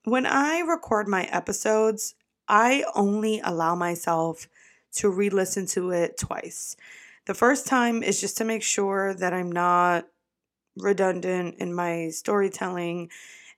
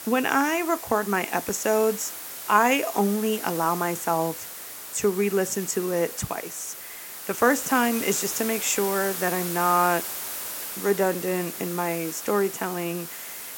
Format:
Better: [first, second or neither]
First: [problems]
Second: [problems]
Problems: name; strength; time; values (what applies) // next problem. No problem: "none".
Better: first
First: none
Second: hiss; loud; throughout; 8 dB below the speech